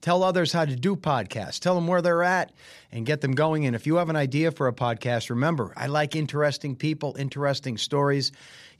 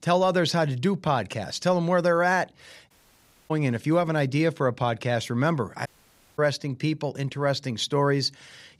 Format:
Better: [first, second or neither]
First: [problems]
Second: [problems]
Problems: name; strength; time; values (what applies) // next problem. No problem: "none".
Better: first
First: none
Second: audio cutting out; at 3 s for 0.5 s and at 6 s for 0.5 s